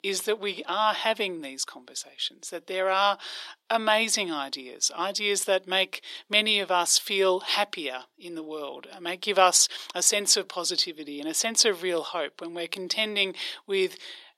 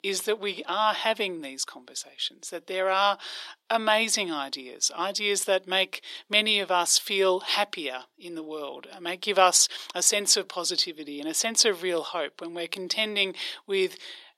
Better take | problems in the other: neither | thin; very; fading below 350 Hz; the same in both

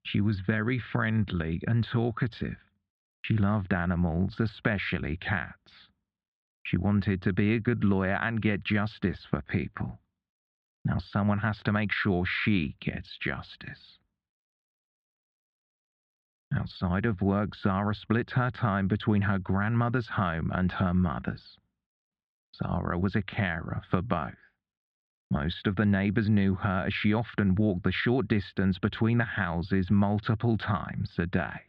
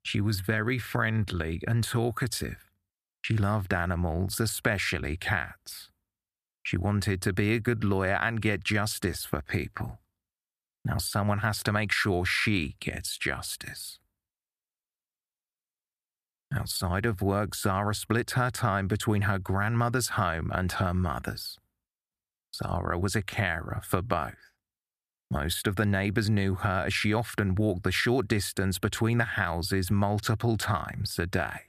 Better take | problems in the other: second | muffled; slightly; fading above 3.5 kHz

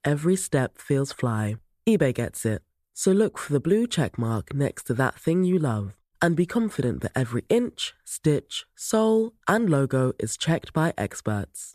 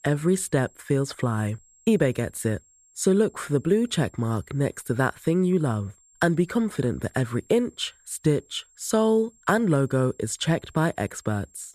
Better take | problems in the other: first | high-pitched whine; faint; throughout; 7.5 kHz, 30 dB below the speech

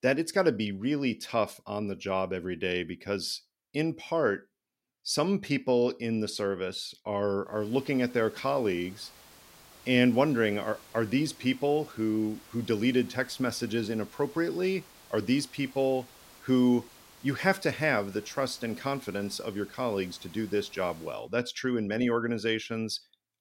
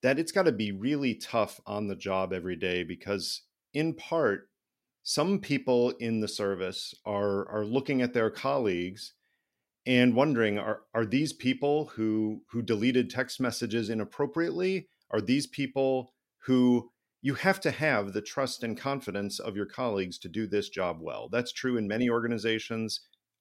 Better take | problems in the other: second | hiss; faint; from 7.5 to 21 s; 20 dB below the speech

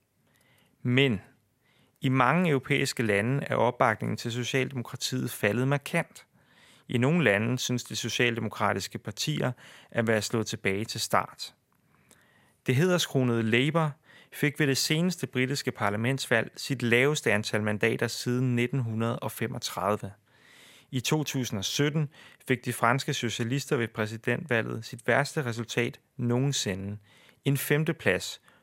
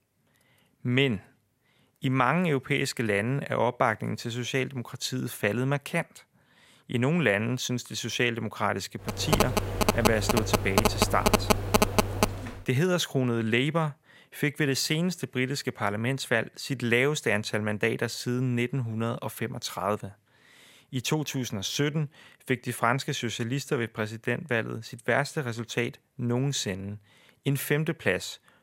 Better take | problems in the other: first | phone ringing; loud; from 9 to 12 s; peak 5 dB above the speech

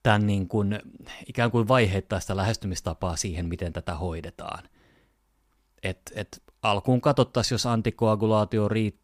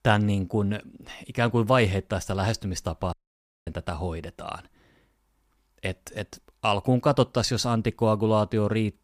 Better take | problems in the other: first | audio cutting out; at 3 s for 0.5 s

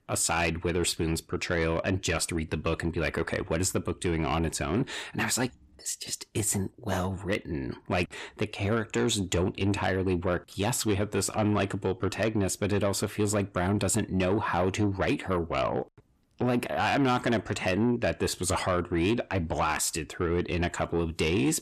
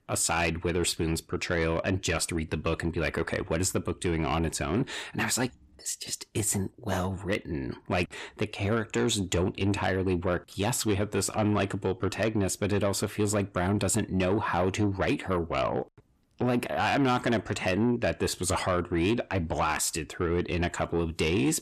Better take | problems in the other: neither | distortion; slight; 10 dB below the speech; the same in both

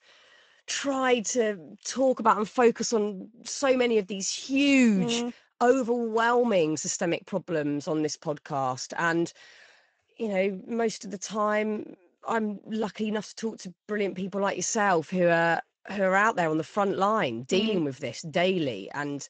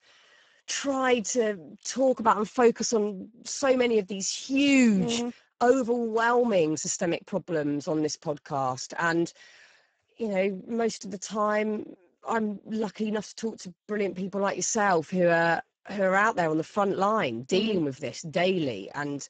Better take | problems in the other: first | garbled, watery; badly; nothing above 7.5 kHz; slightly in the first

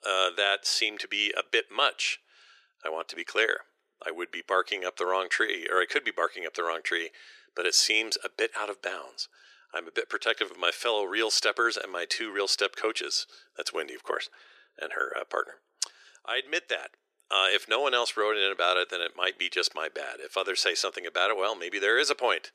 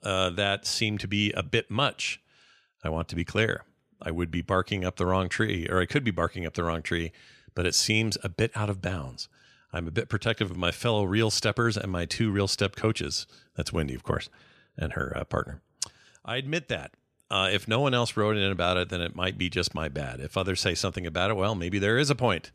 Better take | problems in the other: second | thin; very; fading below 350 Hz

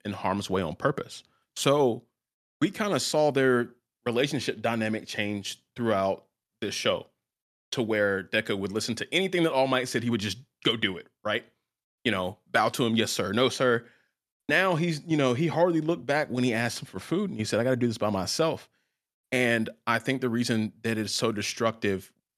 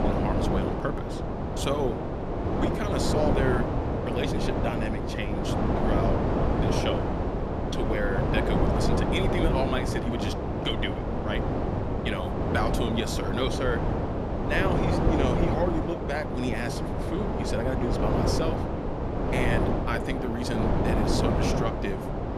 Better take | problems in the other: first | wind noise on the microphone; heavy; 2 dB above the speech

